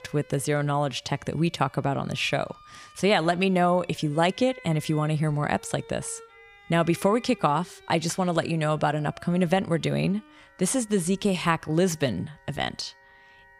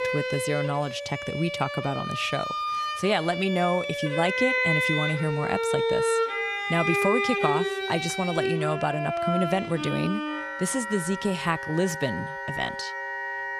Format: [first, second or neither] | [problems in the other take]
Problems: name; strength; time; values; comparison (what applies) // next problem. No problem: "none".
first | background music; loud; throughout; as loud as the speech; faint in the first